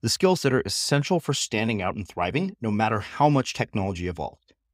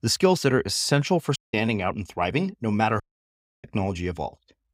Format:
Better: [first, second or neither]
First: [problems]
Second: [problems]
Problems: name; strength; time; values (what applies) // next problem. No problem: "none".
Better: first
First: none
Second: audio cutting out; at 1.5 s and at 3 s for 0.5 s